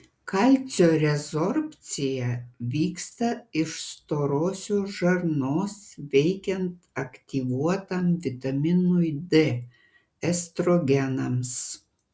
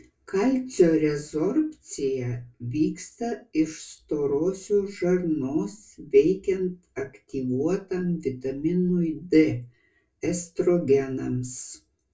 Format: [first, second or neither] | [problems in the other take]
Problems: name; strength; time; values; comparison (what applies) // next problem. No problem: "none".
first | room echo; dies away in 0.2 s